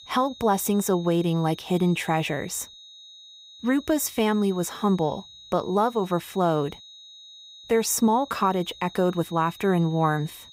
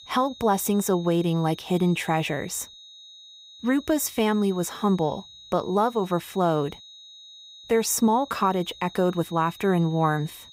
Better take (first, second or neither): neither